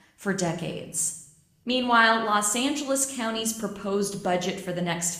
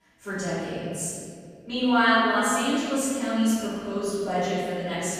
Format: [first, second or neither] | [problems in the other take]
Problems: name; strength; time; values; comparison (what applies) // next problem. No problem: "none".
first | room echo; strong; dies away in 2.3 s; slight in the first // off-mic speech; far